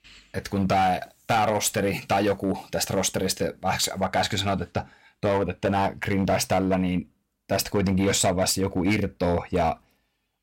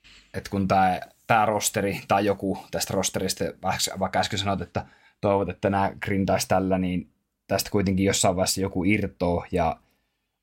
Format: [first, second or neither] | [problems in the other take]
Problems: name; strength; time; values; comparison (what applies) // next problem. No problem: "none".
second | distortion; slight; 8% of the sound clipped